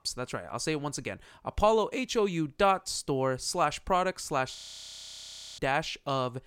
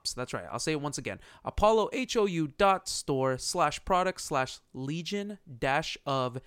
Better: second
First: audio freezing; at 4.5 s for 1 s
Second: none

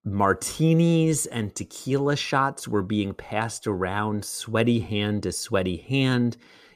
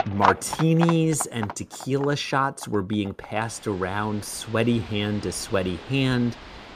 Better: first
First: none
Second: animal sounds; loud; throughout; 8 dB below the speech

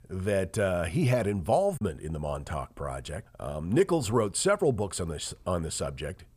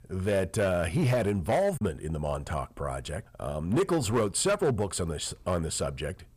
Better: first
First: none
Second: distortion; slight; 7% of the sound clipped

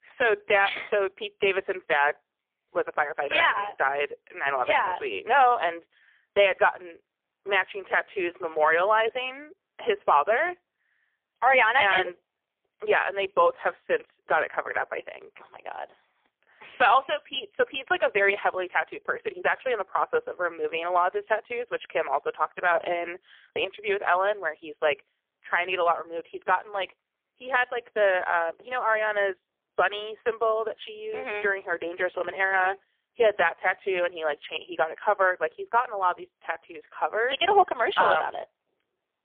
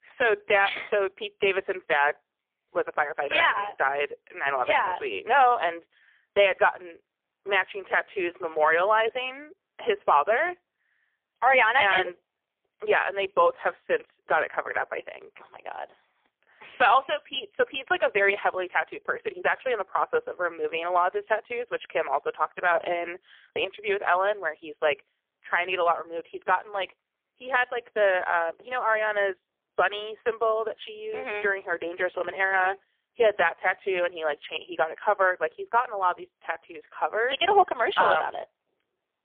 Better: neither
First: phone-call audio; poor line; nothing above 3.5 kHz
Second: phone-call audio; poor line; nothing above 3.5 kHz

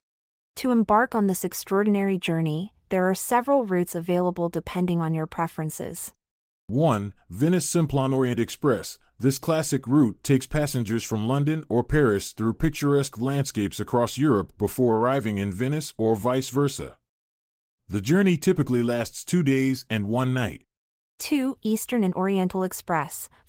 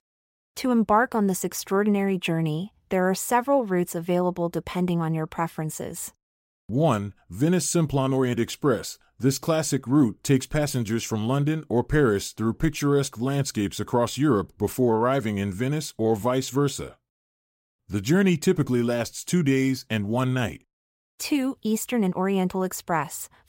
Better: second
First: garbled, watery; slightly; nothing above 16 kHz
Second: none

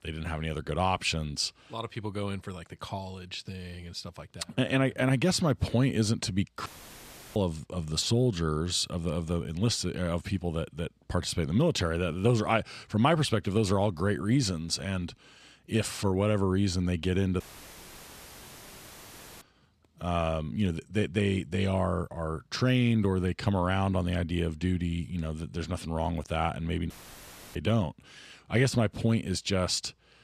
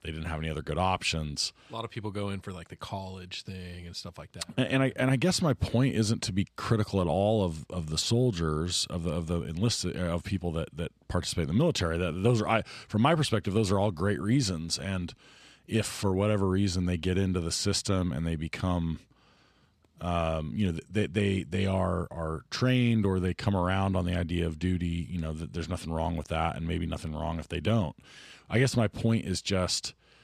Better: second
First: audio cutting out; filled with static; at 6.5 s for 0.5 s, at 17 s for 2 s and at 27 s for 0.5 s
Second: none

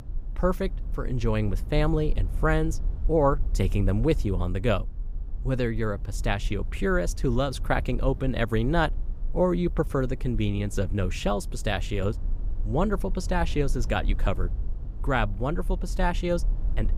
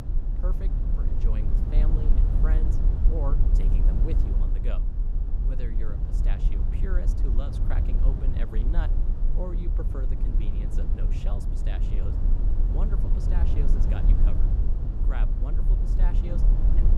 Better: first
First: low rumble; faint; throughout; 25 dB below the speech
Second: low rumble; loud; throughout; as loud as the speech

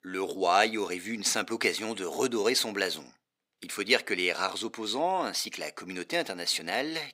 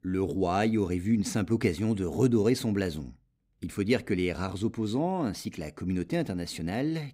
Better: second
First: thin; very; fading below 650 Hz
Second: none

